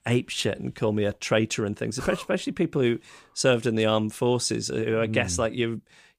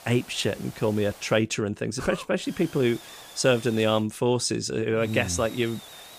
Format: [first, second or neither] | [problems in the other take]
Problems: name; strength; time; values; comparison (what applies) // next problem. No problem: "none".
first | hiss; noticeable; until 1.5 s, from 2.5 to 4 s and from 5 s on; 20 dB below the speech